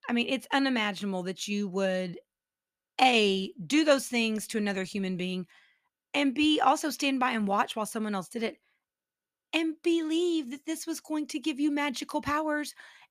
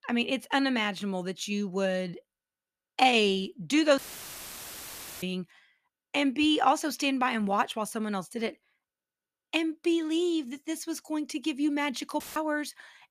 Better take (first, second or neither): first